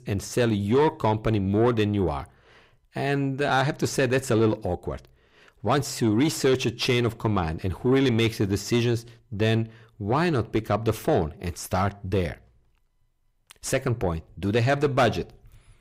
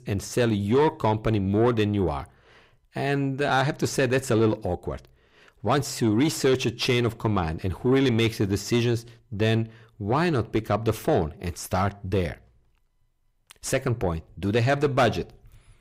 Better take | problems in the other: neither | distortion; slight; 10 dB below the speech; the same in both

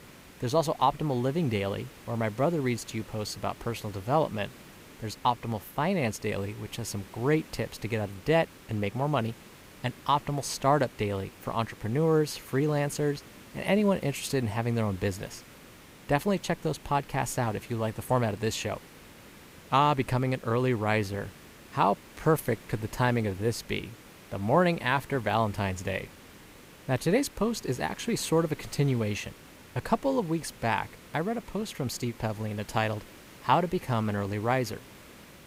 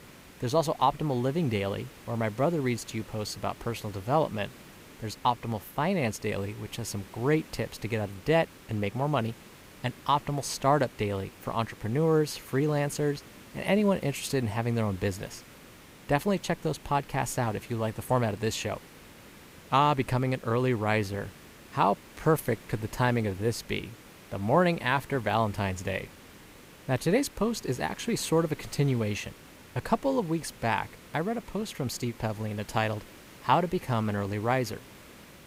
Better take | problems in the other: neither | hiss; faint; throughout; 20 dB below the speech; the same in both

